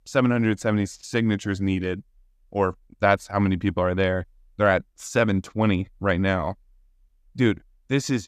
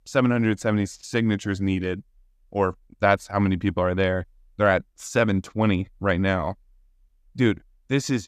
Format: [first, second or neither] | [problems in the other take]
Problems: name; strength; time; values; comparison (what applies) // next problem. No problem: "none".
neither | none